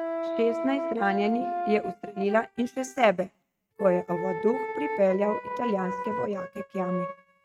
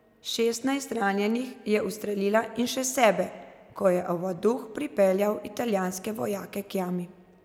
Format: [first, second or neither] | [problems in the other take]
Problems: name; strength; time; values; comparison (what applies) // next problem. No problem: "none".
second | noise reduction (neural mask model RNNoise)